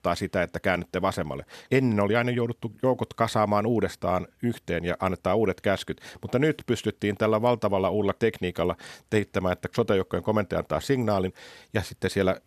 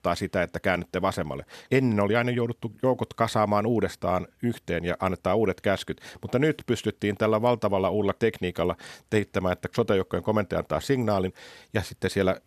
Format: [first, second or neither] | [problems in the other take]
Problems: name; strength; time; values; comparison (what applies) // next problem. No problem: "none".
neither | none